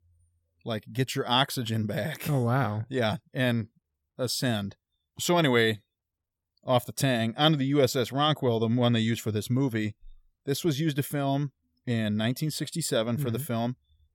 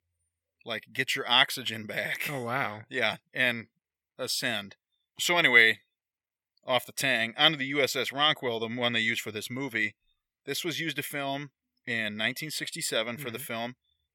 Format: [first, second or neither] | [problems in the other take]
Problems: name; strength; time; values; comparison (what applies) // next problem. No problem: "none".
first | thin; somewhat; fading below 1 kHz